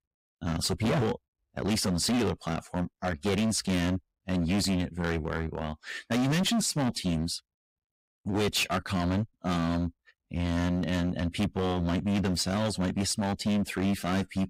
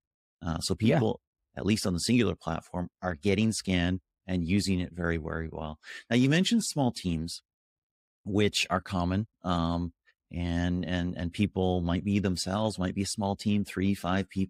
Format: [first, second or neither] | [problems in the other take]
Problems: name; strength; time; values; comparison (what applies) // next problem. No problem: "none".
second | distortion; heavy; 18% of the sound clipped